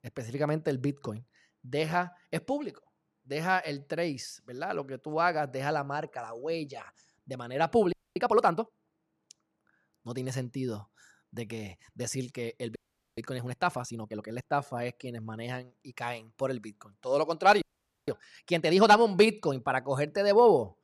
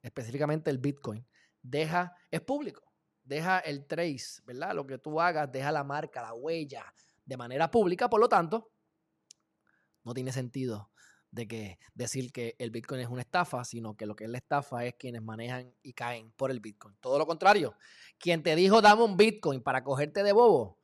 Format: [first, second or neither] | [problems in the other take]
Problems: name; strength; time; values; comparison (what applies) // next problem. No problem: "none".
second | audio freezing; at 8 s, at 13 s and at 18 s